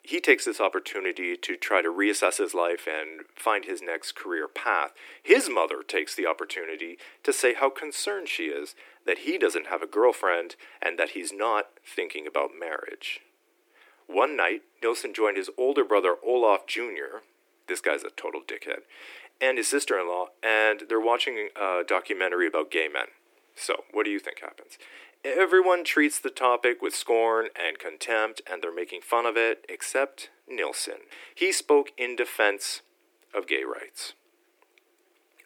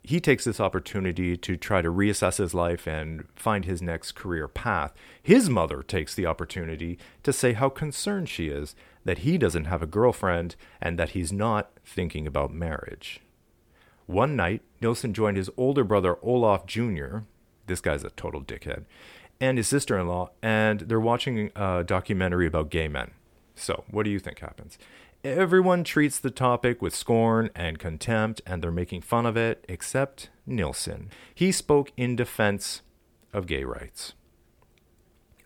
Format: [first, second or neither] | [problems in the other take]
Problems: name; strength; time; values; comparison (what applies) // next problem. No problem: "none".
second | thin; very; fading below 300 Hz